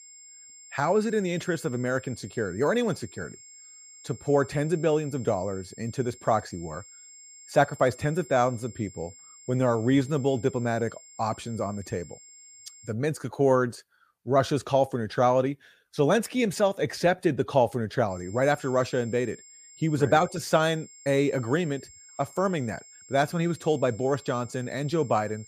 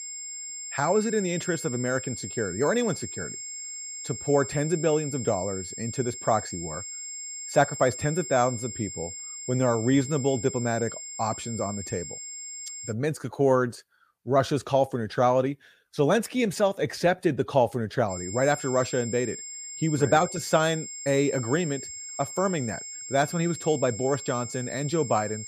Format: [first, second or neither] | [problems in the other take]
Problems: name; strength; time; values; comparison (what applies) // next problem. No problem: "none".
first | high-pitched whine; loud; until 13 s and from 18 s on; 7.5 kHz, 9 dB below the speech; faint in the first